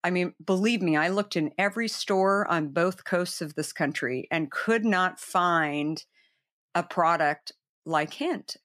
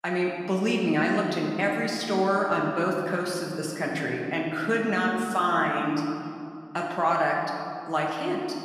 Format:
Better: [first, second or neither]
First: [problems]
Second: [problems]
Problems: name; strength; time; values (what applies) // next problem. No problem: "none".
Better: first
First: none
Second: room echo; noticeable; dies away in 2.2 s // off-mic speech; somewhat distant